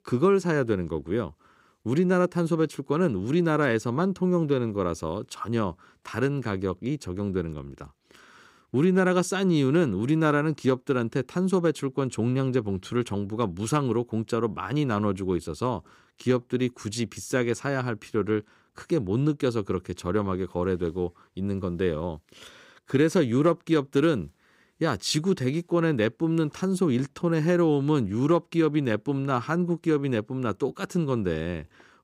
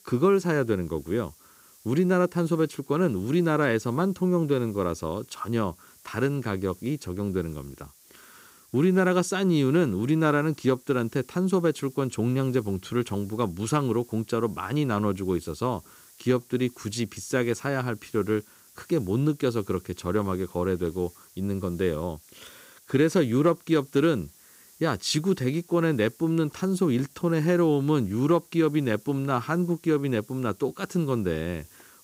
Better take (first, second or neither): first